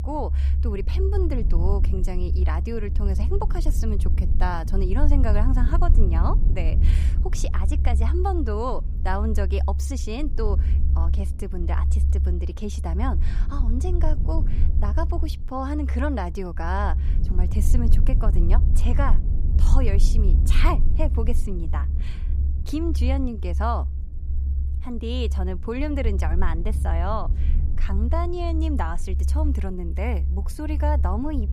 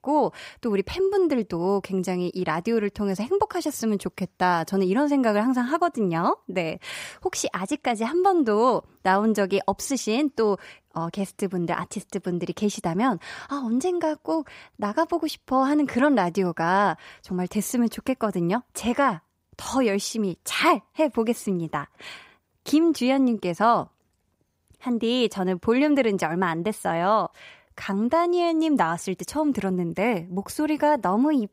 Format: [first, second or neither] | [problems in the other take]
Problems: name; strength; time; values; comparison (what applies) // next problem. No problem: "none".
second | low rumble; noticeable; throughout; 10 dB below the speech